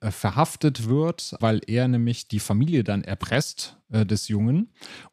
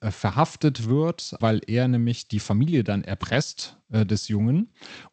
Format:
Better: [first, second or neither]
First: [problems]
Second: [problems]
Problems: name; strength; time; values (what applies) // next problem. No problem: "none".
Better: first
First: none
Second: garbled, watery; slightly; nothing above 8 kHz